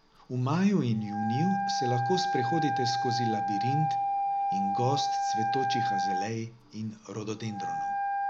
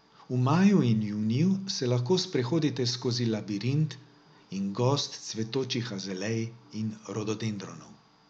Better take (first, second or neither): second